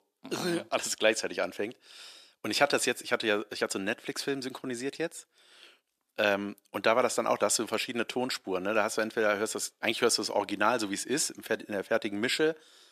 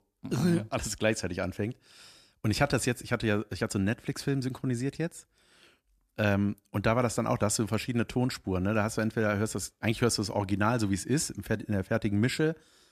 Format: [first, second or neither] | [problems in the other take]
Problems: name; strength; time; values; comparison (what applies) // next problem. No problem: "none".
second | thin; somewhat; fading below 450 Hz